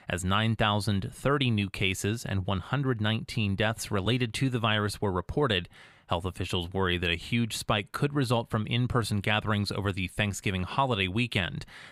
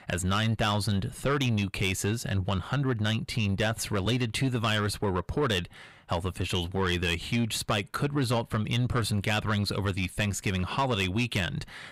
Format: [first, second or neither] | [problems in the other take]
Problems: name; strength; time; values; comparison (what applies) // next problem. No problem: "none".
first | distortion; slight; 10 dB below the speech